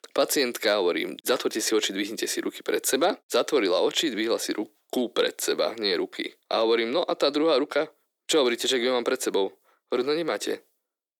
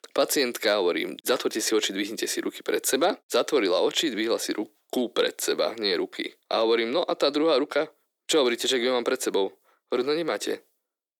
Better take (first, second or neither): neither